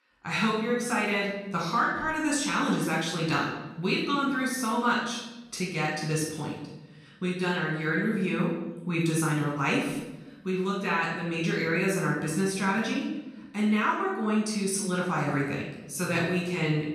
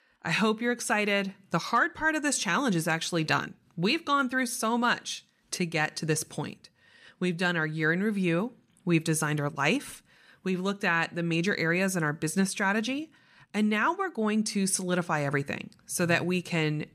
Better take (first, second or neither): second